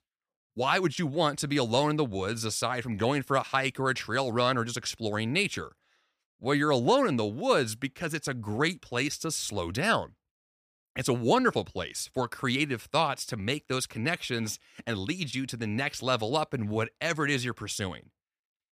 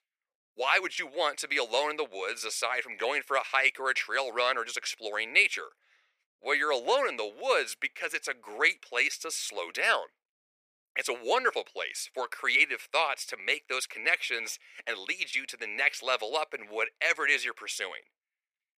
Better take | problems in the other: first | thin; very; fading below 450 Hz

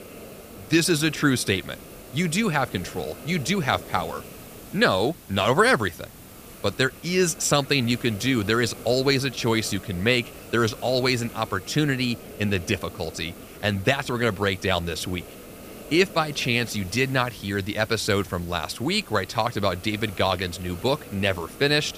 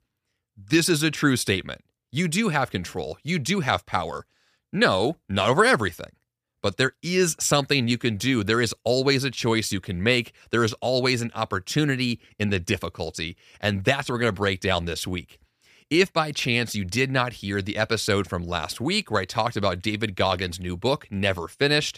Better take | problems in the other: second | hiss; noticeable; throughout; 15 dB below the speech

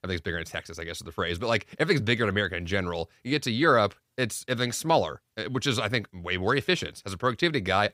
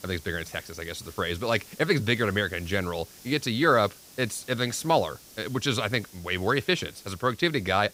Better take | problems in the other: first | hiss; faint; throughout; 20 dB below the speech

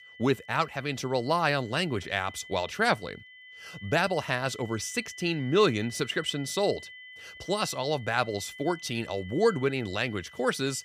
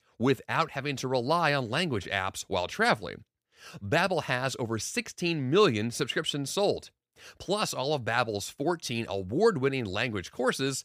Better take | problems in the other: second | high-pitched whine; noticeable; throughout; 2 kHz, 15 dB below the speech

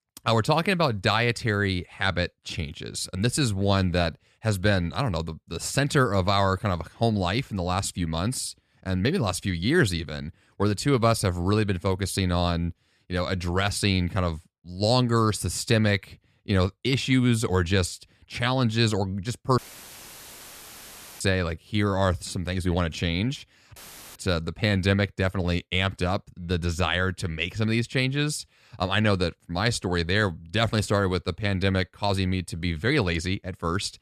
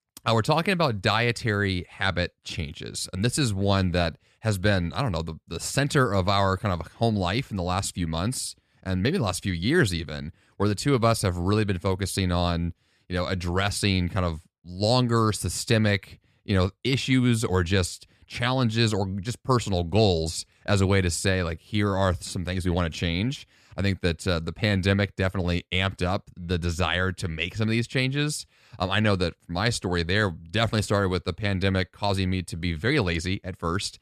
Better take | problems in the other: second | audio cutting out; filled with static; at 20 s for 1.5 s and at 24 s

